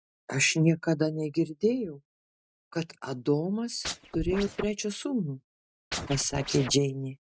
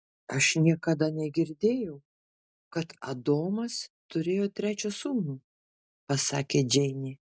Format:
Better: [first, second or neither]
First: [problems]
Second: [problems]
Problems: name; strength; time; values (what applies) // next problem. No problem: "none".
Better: second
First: noise reduction (neural mask model RNNoise)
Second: none